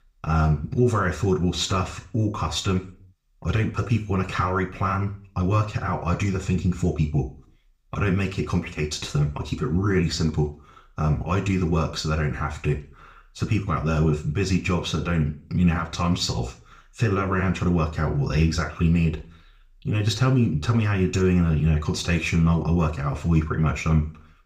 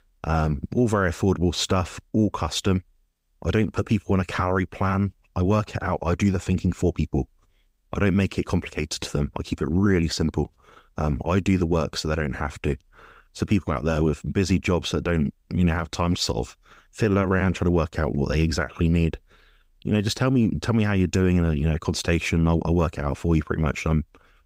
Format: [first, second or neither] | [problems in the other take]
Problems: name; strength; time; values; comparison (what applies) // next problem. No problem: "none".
second | room echo; very slight; dies away in 0.4 s // off-mic speech; somewhat distant